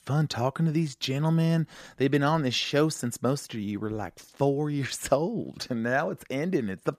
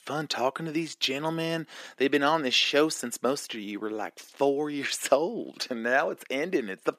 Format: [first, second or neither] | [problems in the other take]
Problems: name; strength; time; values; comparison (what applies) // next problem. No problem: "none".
first | thin; somewhat; fading below 300 Hz